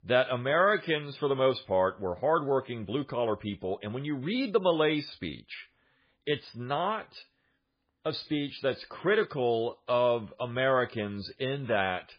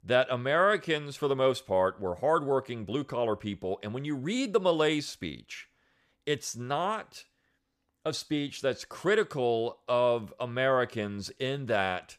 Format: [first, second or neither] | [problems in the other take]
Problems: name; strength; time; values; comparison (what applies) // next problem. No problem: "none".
second | garbled, watery; badly; nothing above 4.5 kHz